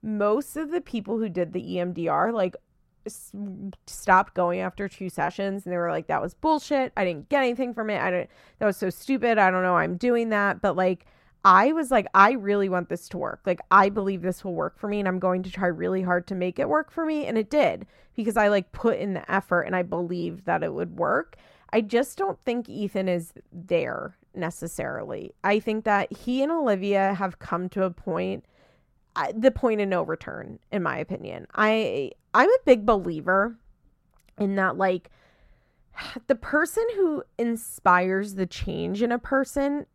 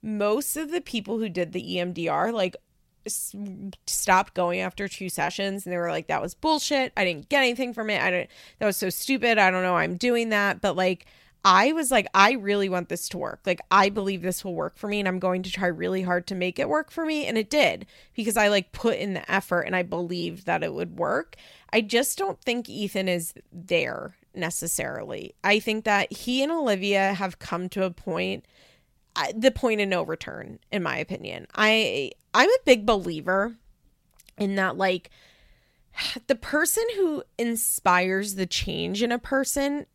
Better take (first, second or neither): second